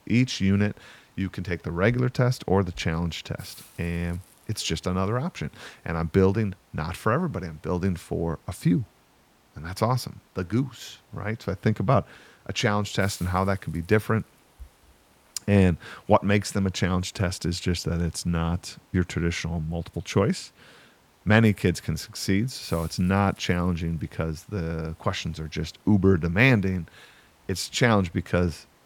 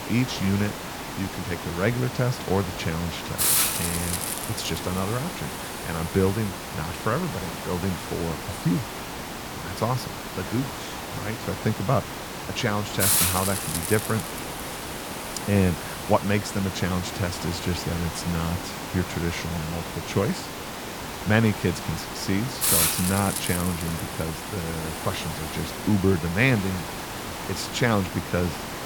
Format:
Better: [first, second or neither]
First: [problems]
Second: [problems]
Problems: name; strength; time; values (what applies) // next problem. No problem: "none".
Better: first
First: hiss; faint; throughout; 30 dB below the speech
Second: hiss; loud; throughout; 2 dB below the speech